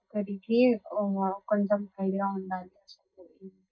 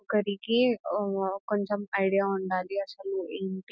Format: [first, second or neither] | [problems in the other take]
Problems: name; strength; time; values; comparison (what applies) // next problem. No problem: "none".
second | noise reduction (neural mask model DeepFilterNet 3)